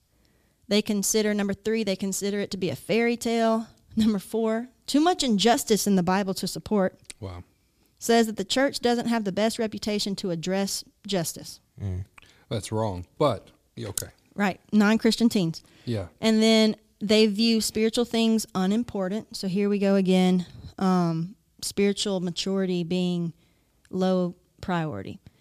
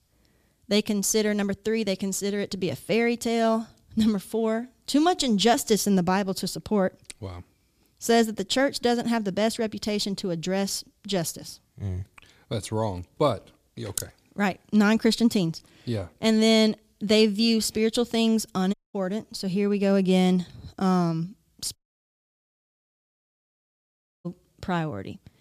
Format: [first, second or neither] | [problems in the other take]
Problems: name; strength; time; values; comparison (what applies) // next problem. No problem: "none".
first | audio cutting out; at 19 s and at 22 s for 2.5 s